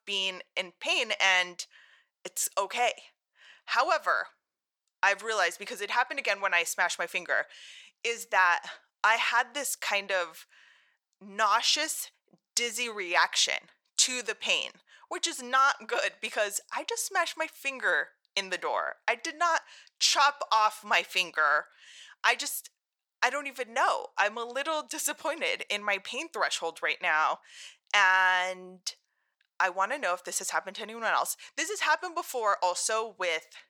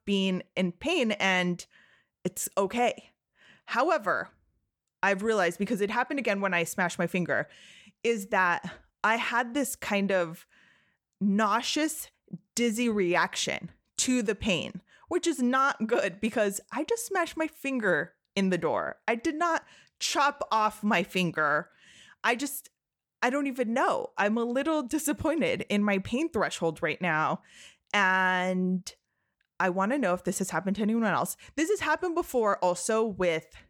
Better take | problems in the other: second | thin; very; fading below 800 Hz

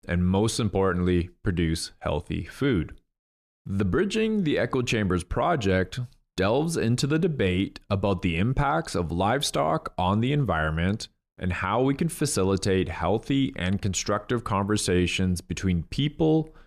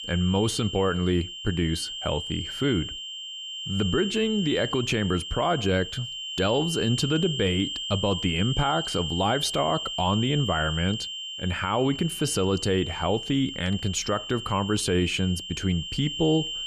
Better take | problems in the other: first | high-pitched whine; loud; throughout; 3 kHz, 6 dB below the speech

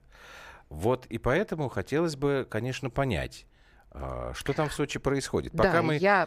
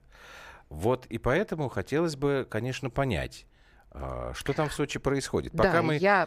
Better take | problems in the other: neither | none

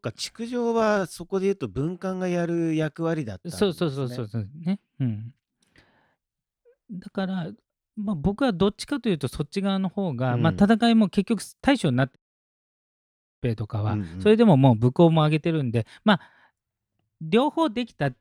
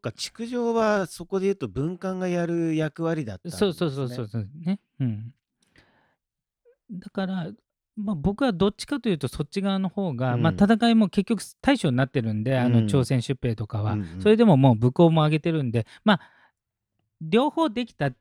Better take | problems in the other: second | audio cutting out; at 12 s for 1.5 s

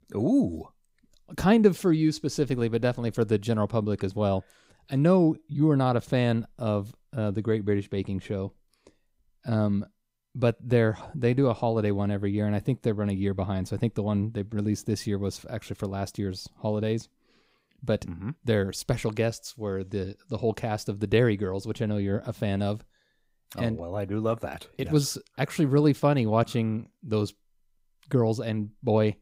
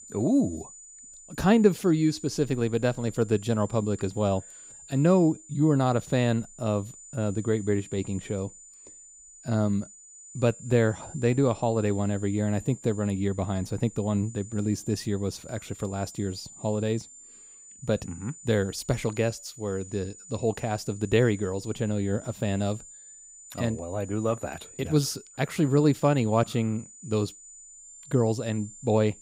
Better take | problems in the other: first | high-pitched whine; noticeable; throughout; 7 kHz, 20 dB below the speech

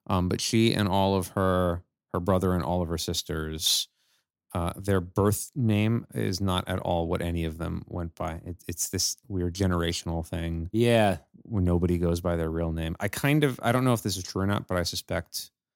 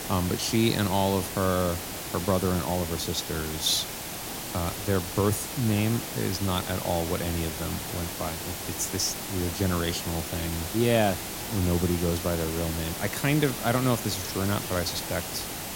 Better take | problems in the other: first | hiss; loud; throughout; 5 dB below the speech

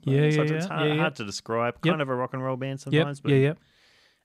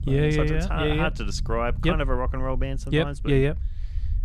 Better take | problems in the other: first | low rumble; faint; throughout; 25 dB below the speech

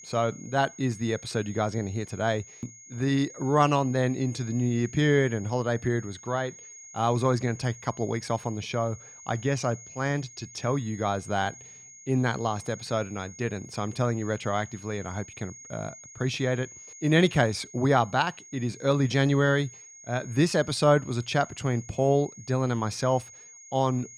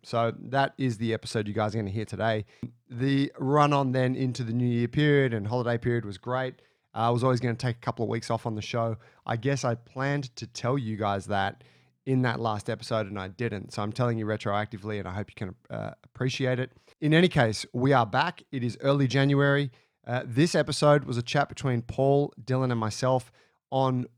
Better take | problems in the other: second | high-pitched whine; noticeable; throughout; 6.5 kHz, 20 dB below the speech

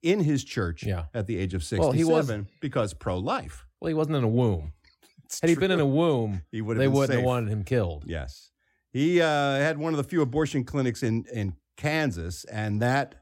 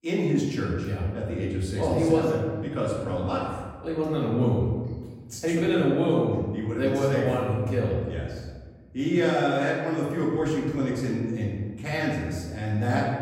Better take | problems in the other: first | room echo; noticeable; dies away in 1.3 s // off-mic speech; far

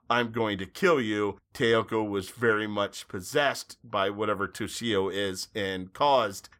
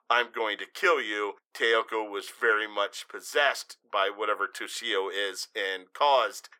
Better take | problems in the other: first | thin; very; fading below 400 Hz

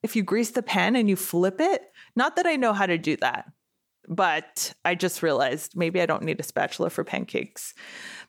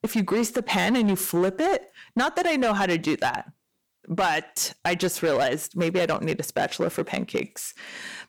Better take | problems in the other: first | distortion; slight; 10% of the sound clipped

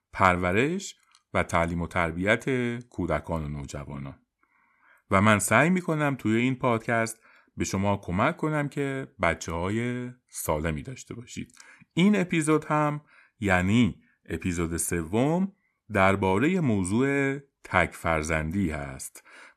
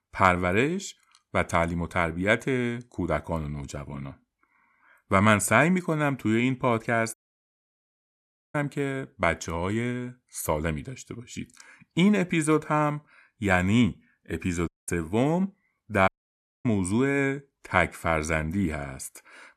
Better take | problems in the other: first | audio cutting out; at 7 s for 1.5 s, at 15 s and at 16 s for 0.5 s

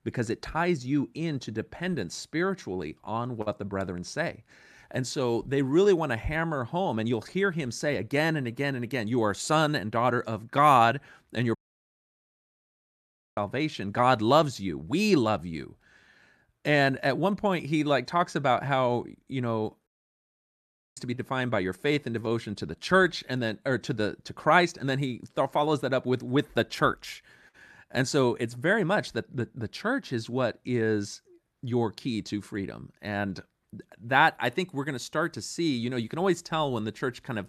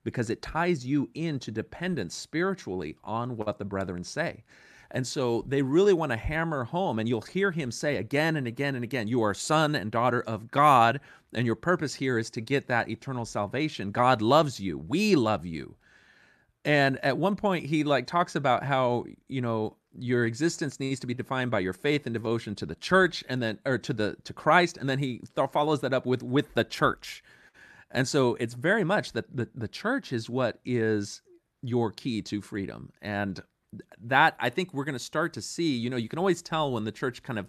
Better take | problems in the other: second | audio cutting out; at 12 s for 2 s and at 20 s for 1 s

